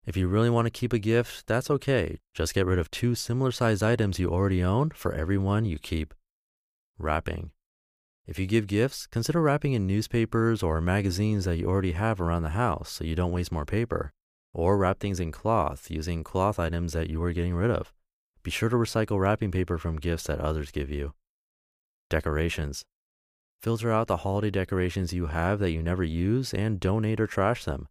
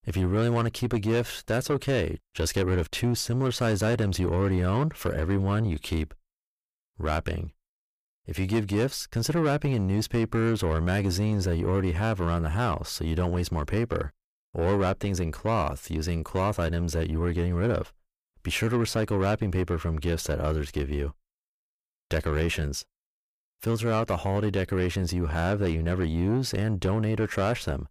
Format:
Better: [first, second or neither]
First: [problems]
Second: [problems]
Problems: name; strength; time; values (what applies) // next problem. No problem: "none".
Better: first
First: none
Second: distortion; slight; 10 dB below the speech